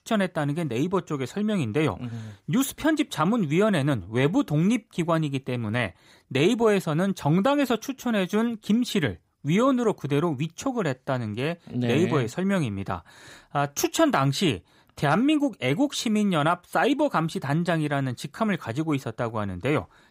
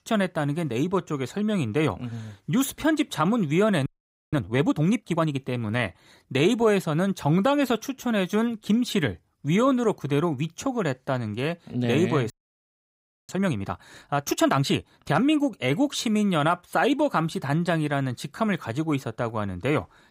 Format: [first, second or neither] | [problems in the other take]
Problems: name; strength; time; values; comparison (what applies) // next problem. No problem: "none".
first | audio freezing; at 4 s and at 12 s for 1 s